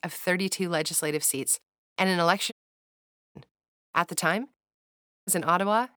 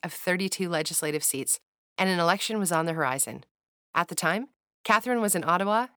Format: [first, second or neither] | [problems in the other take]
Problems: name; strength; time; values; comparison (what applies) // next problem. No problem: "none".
second | audio cutting out; at 2.5 s for 1 s and at 5 s